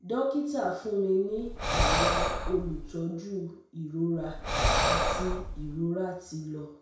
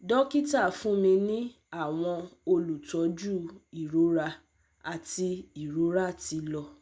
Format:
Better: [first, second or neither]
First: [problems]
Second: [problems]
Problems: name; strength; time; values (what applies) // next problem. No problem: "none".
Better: second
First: background sound (Breathing); 4 dB above the speech // room echo; dies away in 0.5 s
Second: none